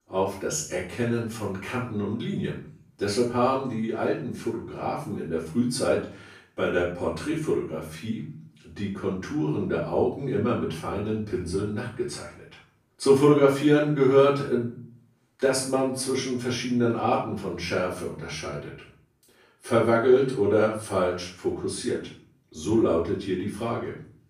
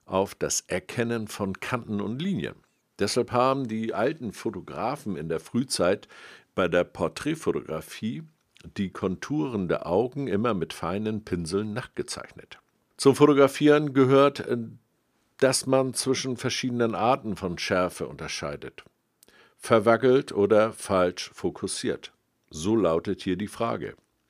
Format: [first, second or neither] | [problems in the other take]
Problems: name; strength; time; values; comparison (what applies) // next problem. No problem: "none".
second | off-mic speech; far // room echo; noticeable; dies away in 0.5 s